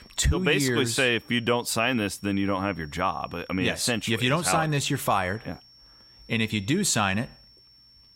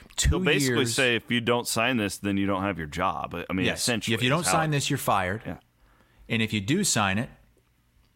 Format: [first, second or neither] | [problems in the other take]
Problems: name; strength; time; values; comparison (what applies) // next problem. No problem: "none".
second | high-pitched whine; faint; throughout; 5.5 kHz, 25 dB below the speech